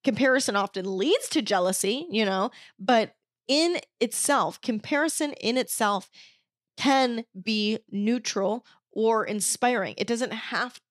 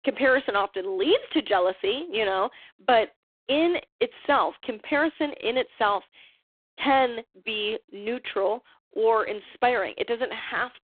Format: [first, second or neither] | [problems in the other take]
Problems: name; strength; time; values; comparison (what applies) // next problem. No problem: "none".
first | phone-call audio; poor line